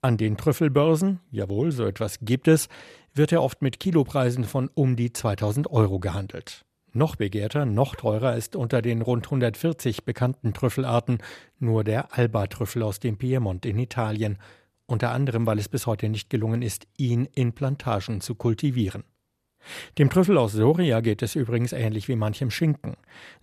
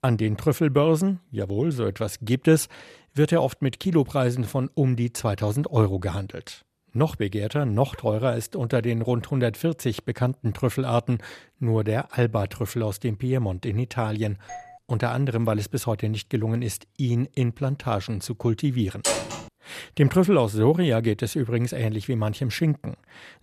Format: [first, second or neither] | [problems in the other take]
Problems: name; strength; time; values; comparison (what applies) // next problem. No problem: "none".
first | doorbell; faint; at 14 s; peak 15 dB below the speech // door banging; noticeable; at 19 s; peak level with the speech